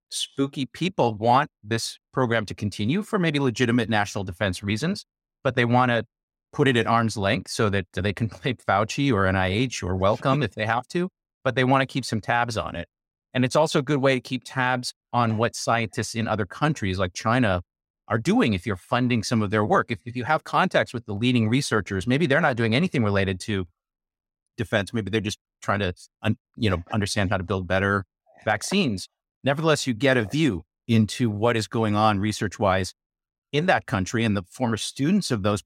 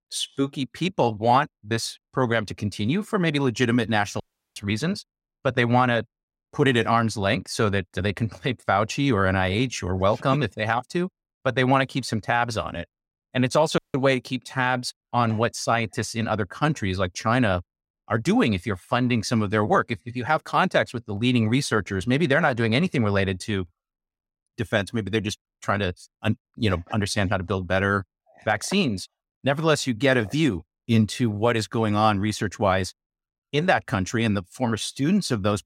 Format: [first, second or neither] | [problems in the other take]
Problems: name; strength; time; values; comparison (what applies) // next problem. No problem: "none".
first | audio cutting out; at 4 s and at 14 s